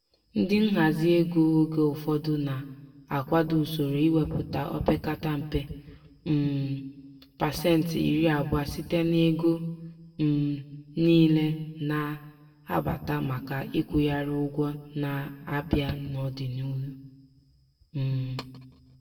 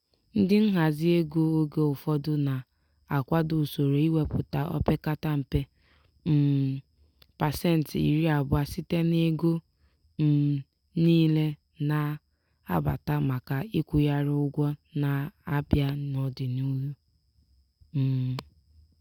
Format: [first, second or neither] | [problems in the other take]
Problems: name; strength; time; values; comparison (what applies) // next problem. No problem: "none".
second | room echo; dies away in 0.9 s